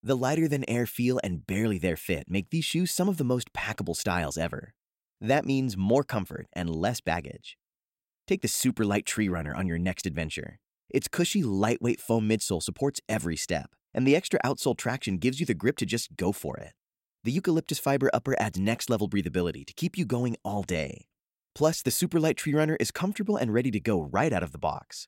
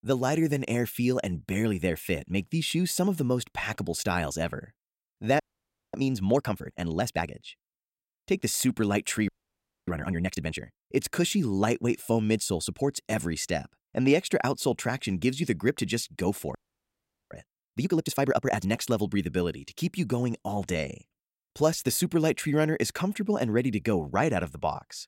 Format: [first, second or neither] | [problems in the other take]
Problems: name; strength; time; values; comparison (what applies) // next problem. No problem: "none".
first | audio freezing; at 5.5 s for 0.5 s, at 9.5 s for 0.5 s and at 17 s for 1 s